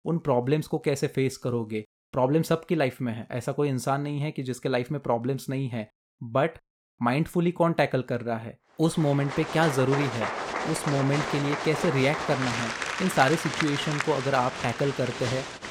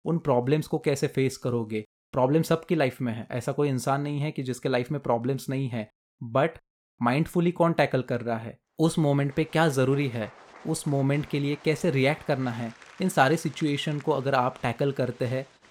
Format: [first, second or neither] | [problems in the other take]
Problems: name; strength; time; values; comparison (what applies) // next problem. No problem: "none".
second | crowd noise; loud; from 9.5 s on; 4 dB below the speech; faint in the second